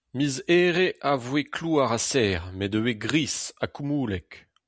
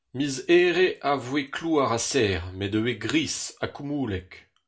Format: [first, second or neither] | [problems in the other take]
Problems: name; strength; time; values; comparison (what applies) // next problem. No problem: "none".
first | room echo; dies away in 0.3 s